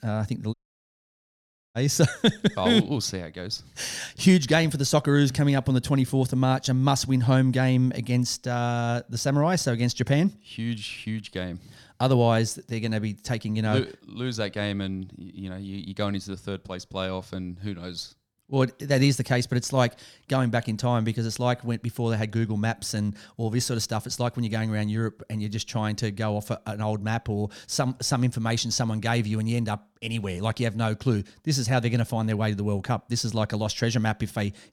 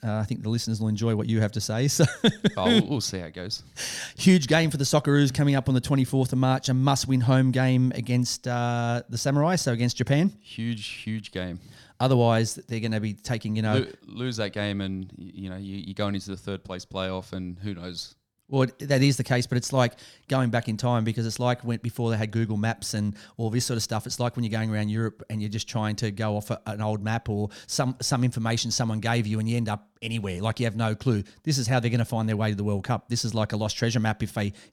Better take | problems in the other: second | audio cutting out; at 0.5 s for 1 s

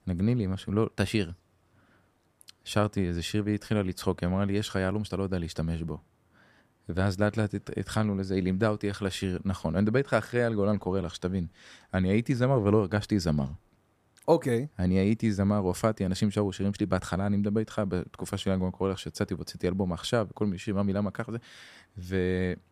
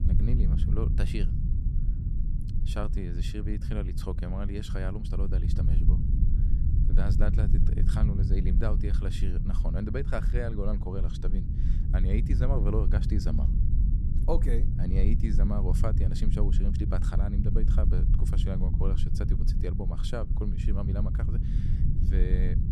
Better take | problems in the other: first | low rumble; loud; throughout; 4 dB below the speech

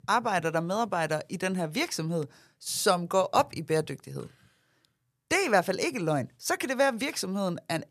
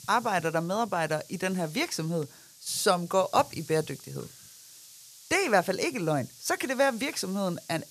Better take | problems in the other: first | hiss; noticeable; throughout; 20 dB below the speech

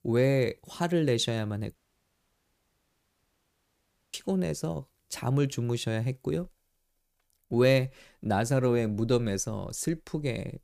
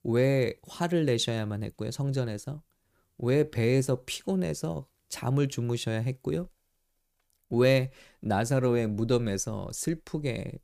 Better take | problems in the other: second | audio cutting out; at 2 s for 2.5 s

